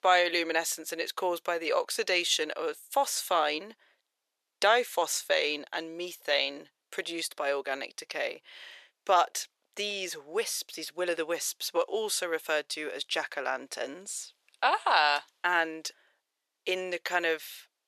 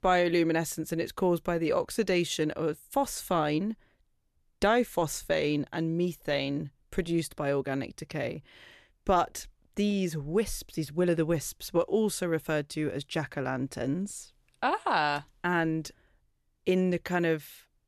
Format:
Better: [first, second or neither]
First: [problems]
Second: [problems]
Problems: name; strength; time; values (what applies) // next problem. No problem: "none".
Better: second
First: thin; very; fading below 500 Hz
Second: none